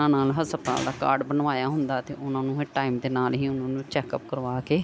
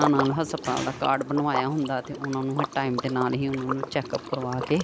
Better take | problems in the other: first | background sound (Liquid); 7 dB below the speech

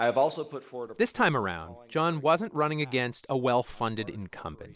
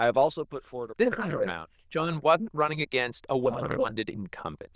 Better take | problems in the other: first | noise reduction (neural diffusion model UNIVERSE++)

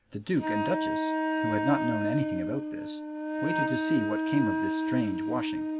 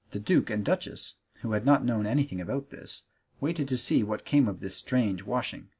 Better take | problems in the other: second | background sound (Wind instrument, woodwind instrument); 2 dB above the speech

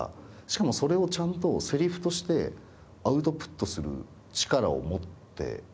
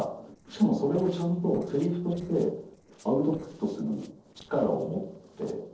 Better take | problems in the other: first | noise reduction (neural separator model SepFormer DNS4)

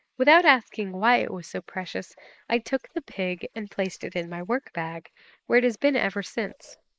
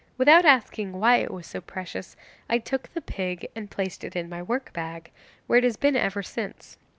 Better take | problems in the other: second | noise reduction (neural mask model Resemble Enhance denoiser)

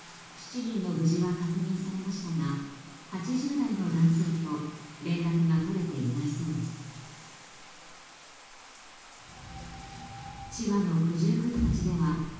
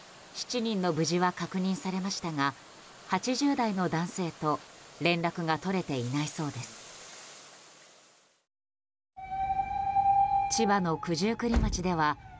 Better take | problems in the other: second | background sound (Bathtub (filling or washing)); 20 dB below the speech // room echo; dies away in 1.2 s

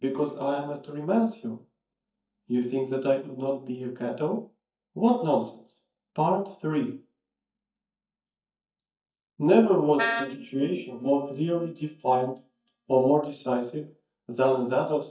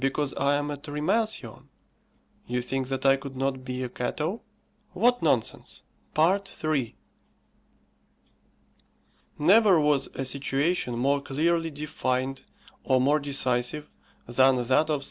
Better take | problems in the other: second | noise reduction (neural mask model DeepFilterNet 3)

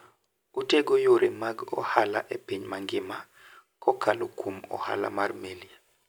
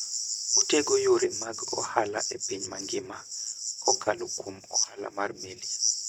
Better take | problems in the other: first | noise reduction (neural mask model RNNoise)

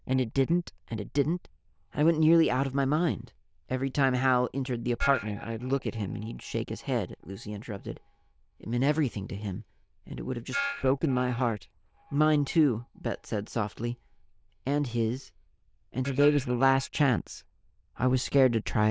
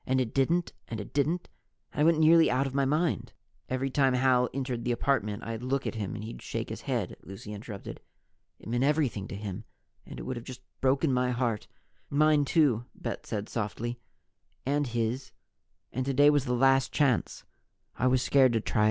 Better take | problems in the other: second | noise reduction (neural diffusion model UNIVERSE++)

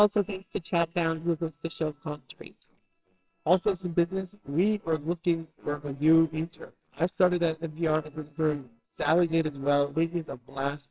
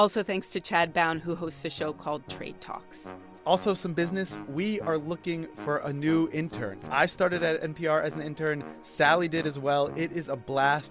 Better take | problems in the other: second | noise reduction (neural separator model SepFormer WHAMR!)

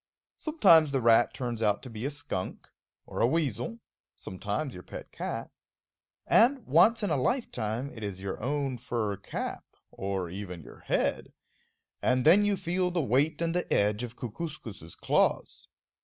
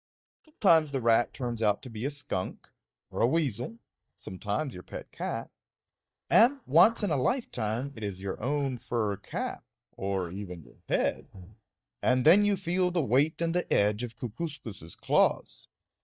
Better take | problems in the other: first | noise reduction (neural mask model DeepFilterNet 3)

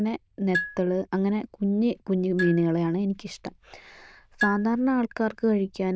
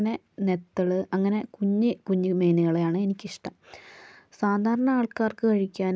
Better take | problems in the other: second | noise reduction (neural diffusion model UNIVERSE++)

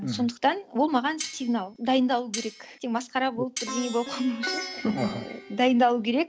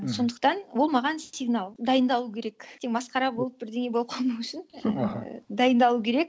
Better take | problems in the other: second | background sound (Plucked string instrument + Cutlery, silverware); 13 dB below the speech

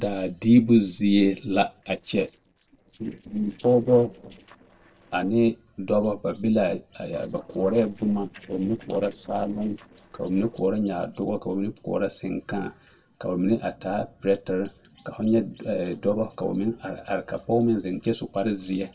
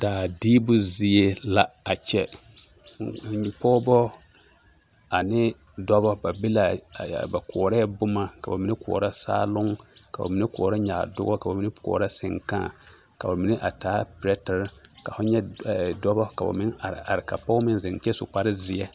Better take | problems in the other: second | noise reduction (neural separator model SepFormer DNS4)

